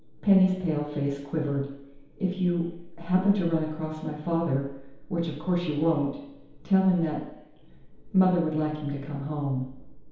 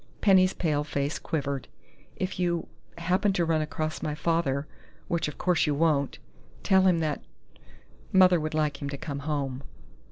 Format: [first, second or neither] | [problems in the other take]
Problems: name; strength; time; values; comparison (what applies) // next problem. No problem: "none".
second | room echo; dies away in 2.2 s